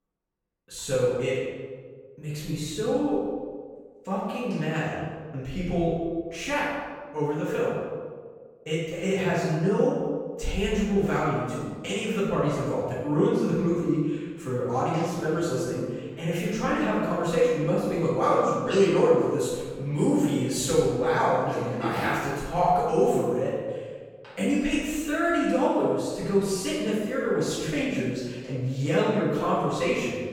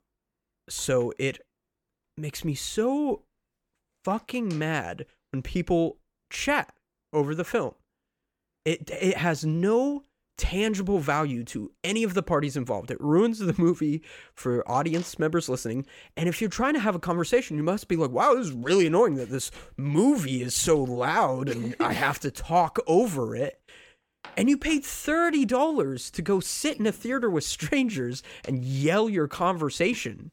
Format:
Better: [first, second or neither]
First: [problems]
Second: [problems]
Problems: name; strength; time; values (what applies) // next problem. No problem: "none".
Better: second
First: room echo; strong; dies away in 1.4 s // off-mic speech; far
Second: none